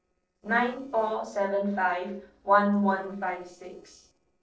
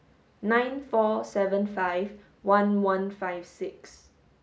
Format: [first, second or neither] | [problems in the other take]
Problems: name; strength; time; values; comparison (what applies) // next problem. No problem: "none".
second | noise reduction (neural separator model SepFormer DNS4)